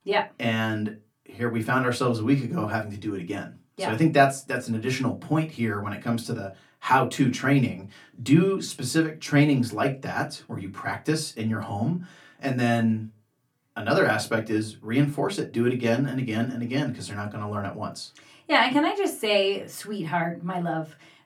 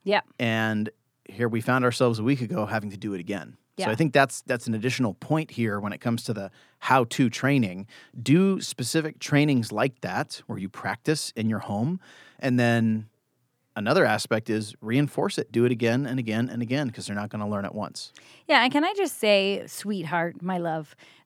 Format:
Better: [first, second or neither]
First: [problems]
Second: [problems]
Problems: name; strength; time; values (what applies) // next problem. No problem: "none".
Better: second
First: off-mic speech; far // room echo; very slight; dies away in 0.2 s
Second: none